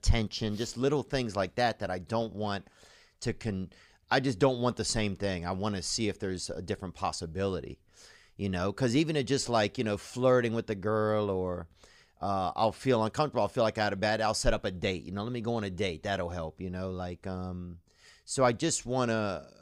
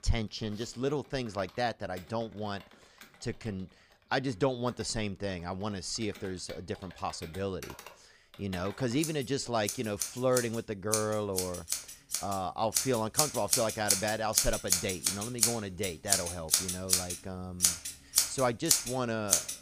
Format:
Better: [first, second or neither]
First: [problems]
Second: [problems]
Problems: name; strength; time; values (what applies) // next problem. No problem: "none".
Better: first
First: none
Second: household noises; very loud; throughout; 4 dB above the speech